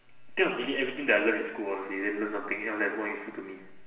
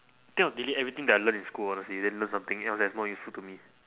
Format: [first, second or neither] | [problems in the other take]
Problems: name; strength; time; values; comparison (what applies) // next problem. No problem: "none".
second | room echo; dies away in 0.9 s